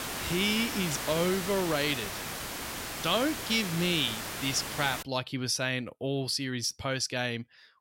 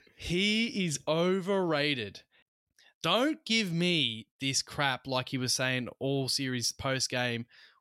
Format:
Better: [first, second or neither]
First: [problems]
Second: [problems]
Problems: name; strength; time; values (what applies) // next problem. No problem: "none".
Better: second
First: hiss; loud; until 5 s; 5 dB below the speech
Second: none